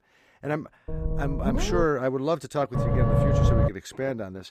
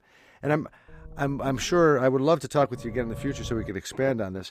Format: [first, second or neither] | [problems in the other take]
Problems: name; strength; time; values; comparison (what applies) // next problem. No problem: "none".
second | low rumble; loud; at 1 s and at 2.5 s; 1 dB below the speech; faint in the second